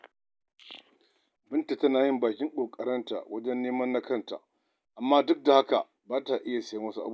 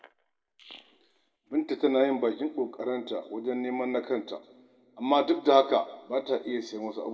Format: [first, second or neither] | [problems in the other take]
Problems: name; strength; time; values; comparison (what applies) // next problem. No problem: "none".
first | room echo; dies away in 1.9 s